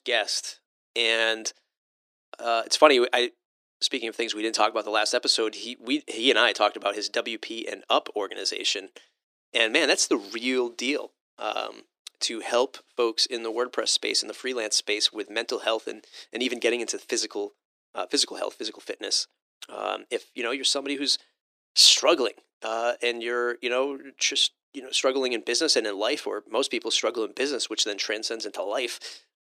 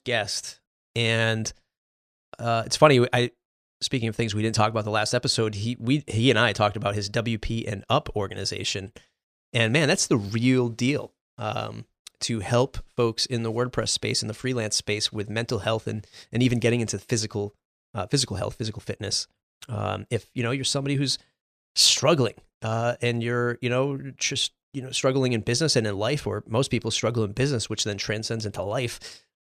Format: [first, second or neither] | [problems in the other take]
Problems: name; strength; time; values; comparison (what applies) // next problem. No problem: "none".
second | thin; somewhat; fading below 300 Hz